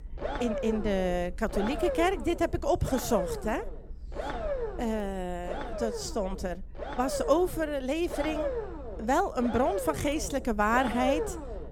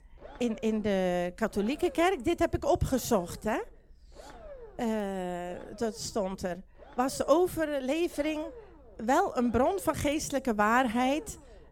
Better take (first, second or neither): second